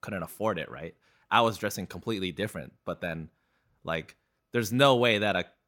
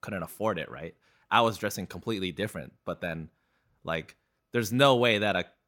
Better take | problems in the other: neither | none

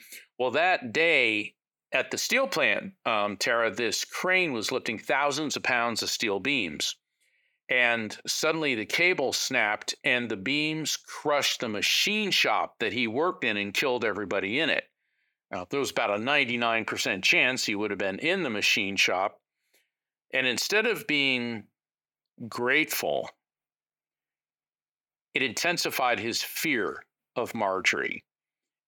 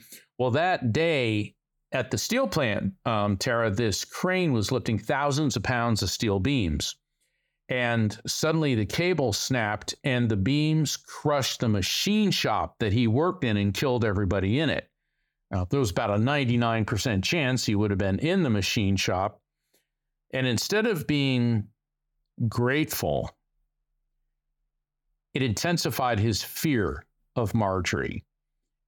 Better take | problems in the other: second | thin; somewhat; fading below 350 Hz

